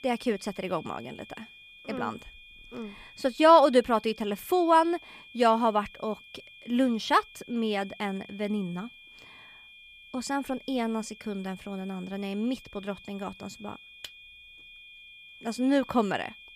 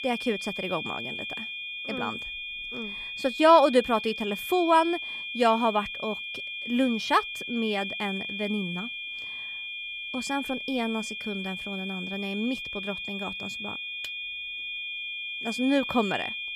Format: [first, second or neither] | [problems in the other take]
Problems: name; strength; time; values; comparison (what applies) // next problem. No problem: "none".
first | high-pitched whine; loud; throughout; 2.5 kHz, 6 dB below the speech; faint in the first